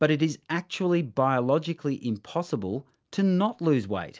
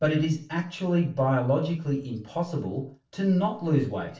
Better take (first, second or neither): first